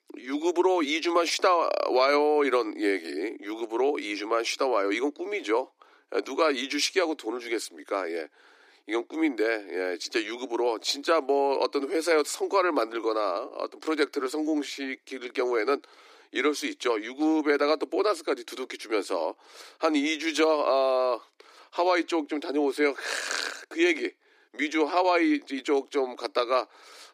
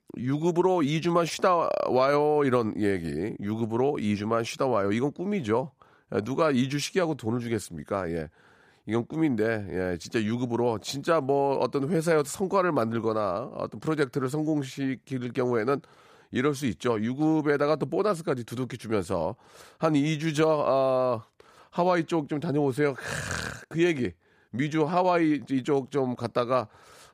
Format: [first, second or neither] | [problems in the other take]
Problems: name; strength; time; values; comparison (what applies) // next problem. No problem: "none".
second | thin; very slightly; fading below 300 Hz